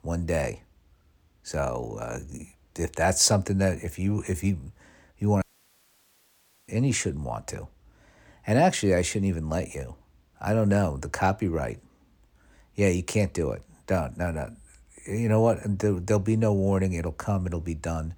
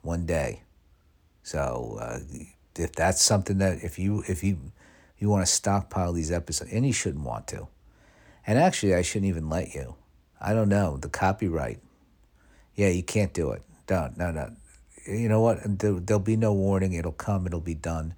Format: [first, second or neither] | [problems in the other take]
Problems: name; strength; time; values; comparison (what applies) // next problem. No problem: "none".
second | audio cutting out; at 5.5 s for 1.5 s